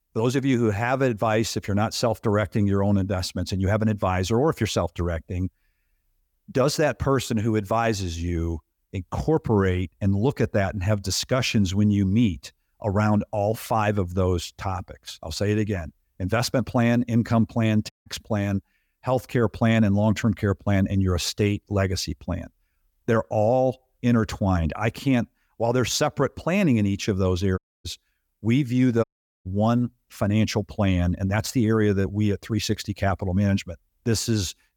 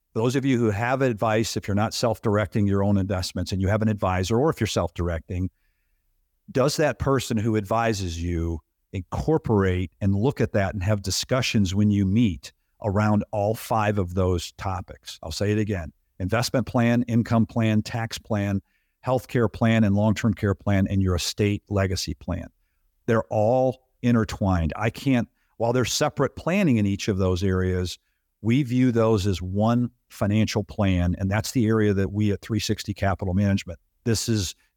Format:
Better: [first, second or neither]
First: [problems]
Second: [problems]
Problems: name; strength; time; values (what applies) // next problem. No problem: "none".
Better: second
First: audio cutting out; at 18 s, at 28 s and at 29 s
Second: none